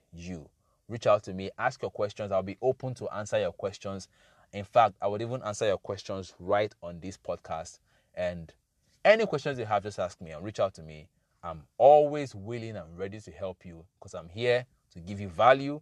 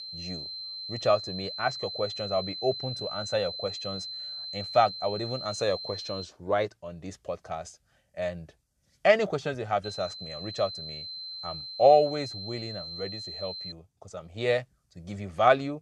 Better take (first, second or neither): first